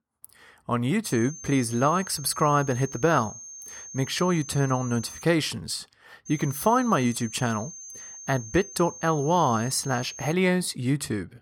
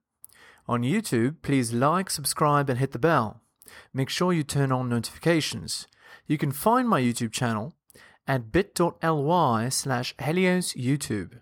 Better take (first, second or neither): second